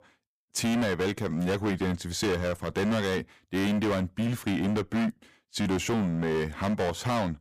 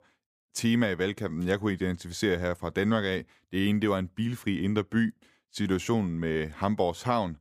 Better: second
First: distortion; heavy; 23% of the sound clipped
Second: none

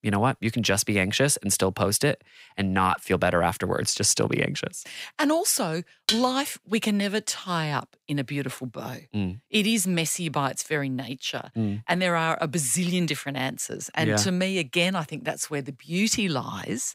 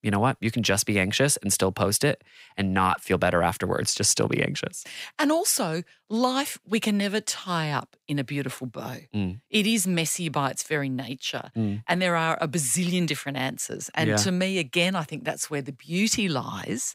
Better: second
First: clattering dishes; noticeable; at 6 s; peak level with the speech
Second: none

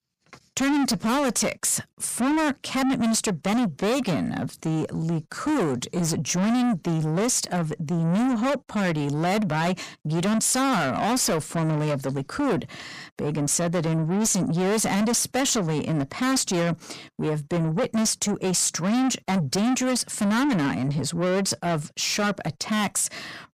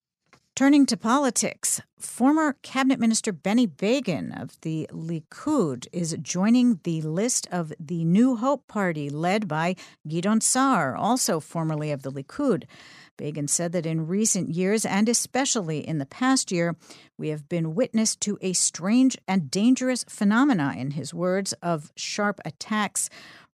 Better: second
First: distortion; heavy; 6 dB below the speech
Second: none

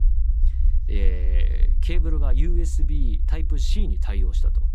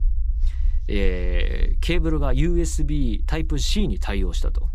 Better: second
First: low rumble; loud; throughout; 8 dB below the speech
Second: low rumble; faint; throughout; 20 dB below the speech

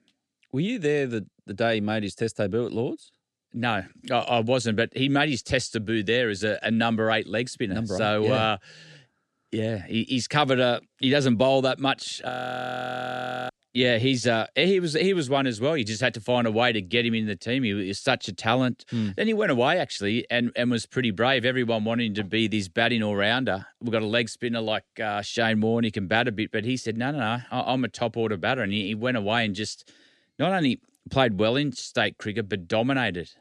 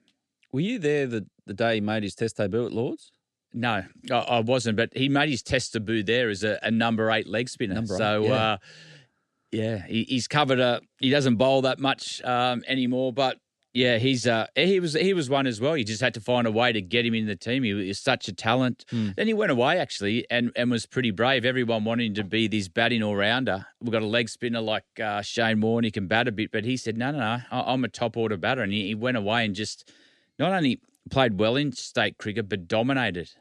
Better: second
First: audio freezing; at 12 s for 1 s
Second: none

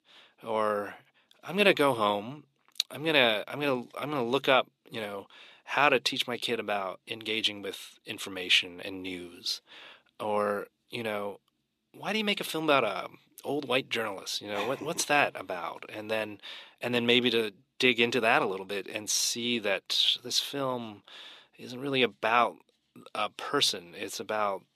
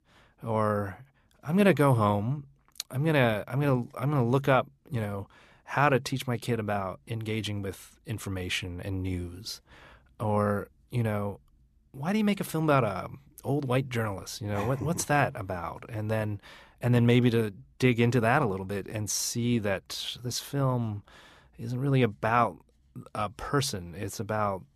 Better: second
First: thin; somewhat; fading below 350 Hz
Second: none

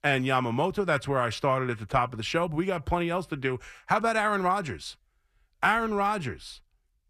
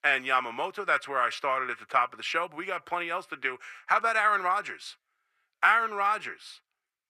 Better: first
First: none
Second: thin; very; fading below 450 Hz

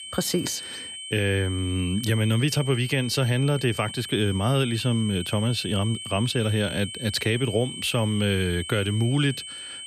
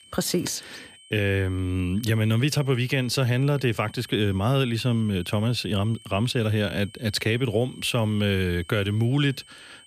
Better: second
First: high-pitched whine; loud; throughout; 3 kHz, 9 dB below the speech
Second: high-pitched whine; faint; throughout; 3 kHz, 25 dB below the speech

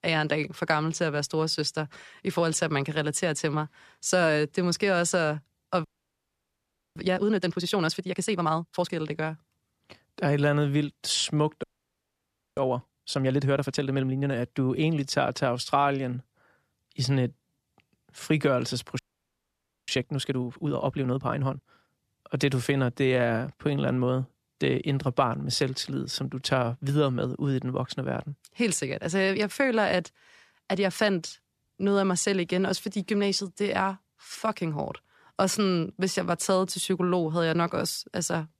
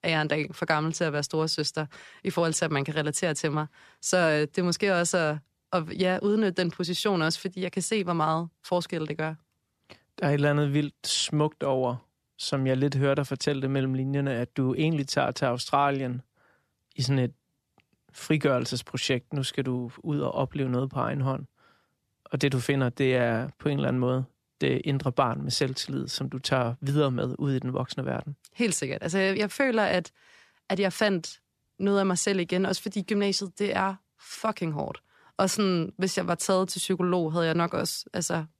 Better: second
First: audio freezing; at 6 s for 1 s, at 12 s for 1 s and at 19 s for 1 s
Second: none

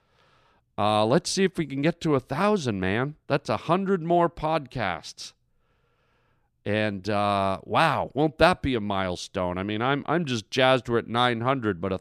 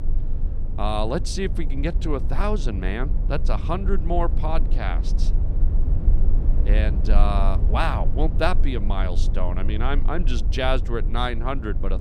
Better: first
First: none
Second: low rumble; noticeable; throughout; 15 dB below the speech

